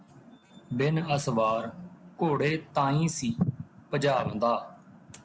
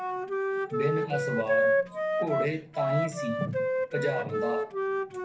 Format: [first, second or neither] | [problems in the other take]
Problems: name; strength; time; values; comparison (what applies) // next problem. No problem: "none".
first | background sound (Wind instrument, woodwind instrument); 5 dB above the speech // room echo; dies away in 0.3 s